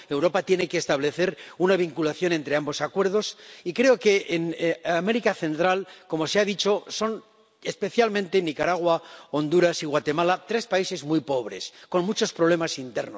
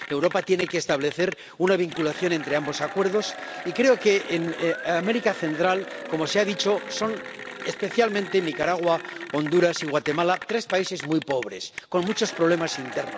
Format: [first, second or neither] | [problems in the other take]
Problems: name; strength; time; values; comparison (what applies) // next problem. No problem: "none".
first | background sound (Applause / Cheering); 12 dB below the speech